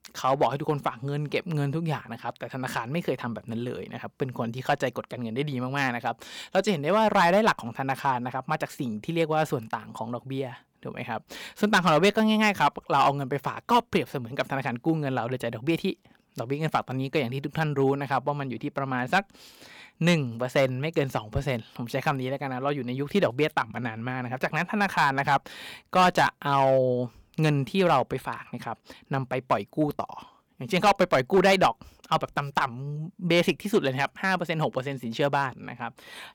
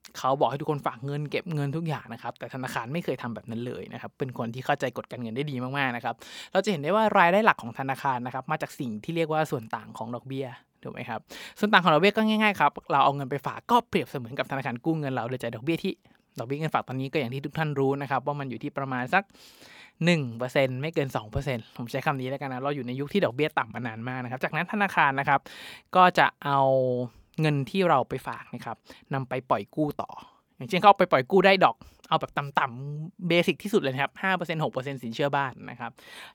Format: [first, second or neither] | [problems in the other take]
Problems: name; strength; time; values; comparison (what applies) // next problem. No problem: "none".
second | distortion; slight; 1.7% of the sound clipped